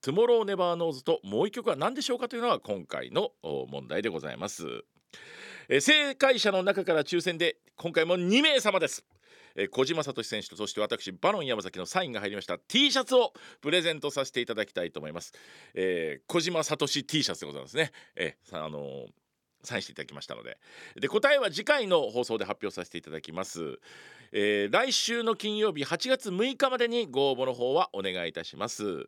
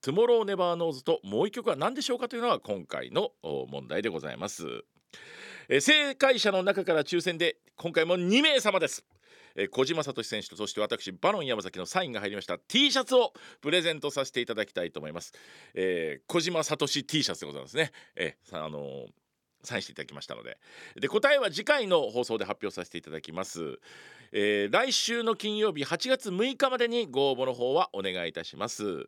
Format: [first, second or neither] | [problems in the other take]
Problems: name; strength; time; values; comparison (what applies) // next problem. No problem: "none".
neither | none